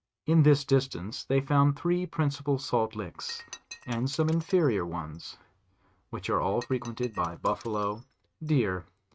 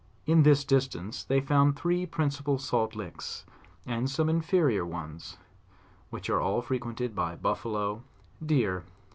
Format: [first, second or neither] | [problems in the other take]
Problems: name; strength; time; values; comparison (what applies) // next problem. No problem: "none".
second | noise reduction (neural mask model RNNoise)